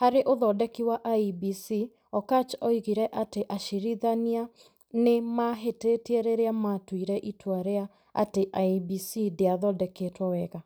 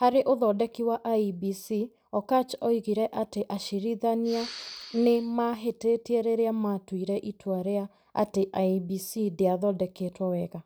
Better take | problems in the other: first | background sound (Respiratory sounds); 16 dB below the speech

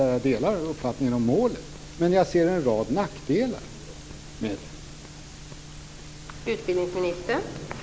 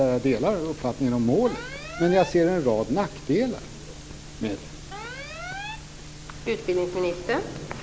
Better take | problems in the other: first | background sound (Alarm); 14 dB below the speech

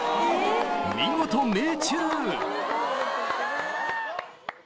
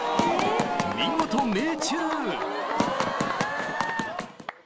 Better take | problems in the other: first | background sound (Run); 5 dB below the speech

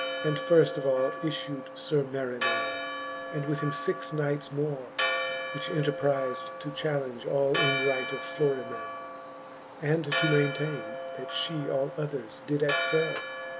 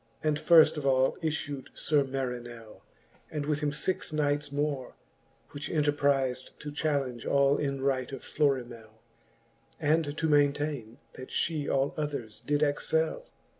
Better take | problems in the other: second | background sound (Church bell); 4 dB below the speech

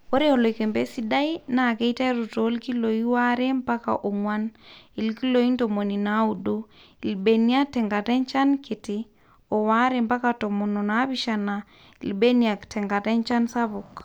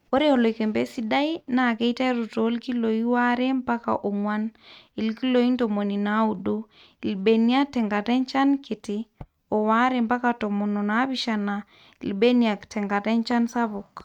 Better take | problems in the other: first | noise reduction (neural mask model RNNoise)

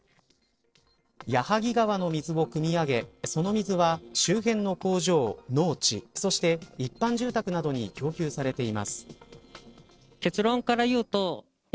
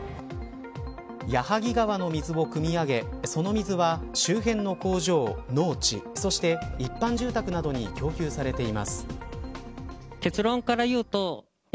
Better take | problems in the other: second | noise reduction (neural separator model SepFormer DNS4)

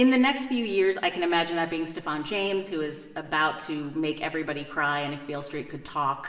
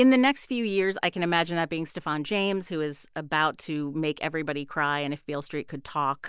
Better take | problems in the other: second | room echo; dies away in 2.7 s

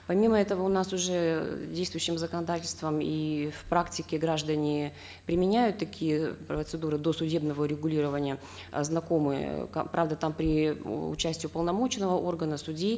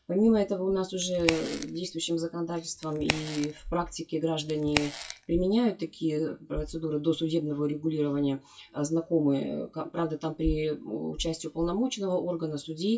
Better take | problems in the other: first | noise reduction (classical method WPE with log-MMSE)

